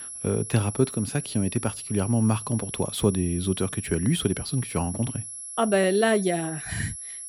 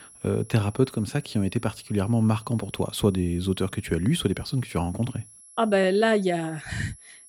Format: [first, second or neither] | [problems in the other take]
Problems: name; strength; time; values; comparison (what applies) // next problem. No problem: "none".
second | high-pitched whine; loud; throughout; 11 kHz, 9 dB below the speech; faint in the second